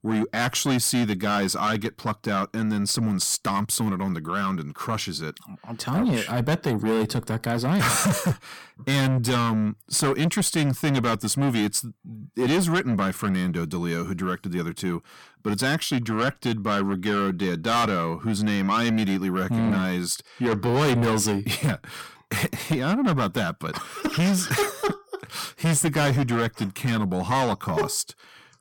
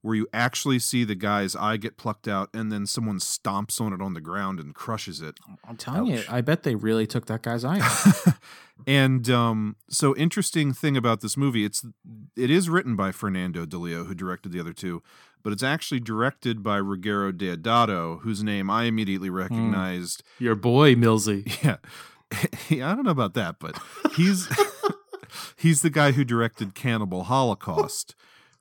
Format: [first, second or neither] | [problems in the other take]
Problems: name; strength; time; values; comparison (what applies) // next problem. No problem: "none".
second | distortion; heavy; 6 dB below the speech